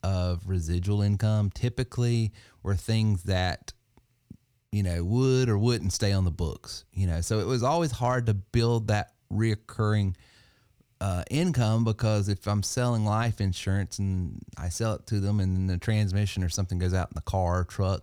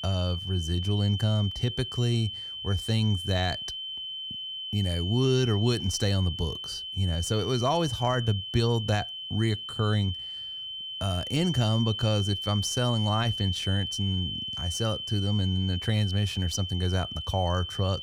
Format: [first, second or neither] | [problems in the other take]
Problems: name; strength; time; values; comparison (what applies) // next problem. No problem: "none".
first | high-pitched whine; loud; throughout; 3 kHz, 5 dB below the speech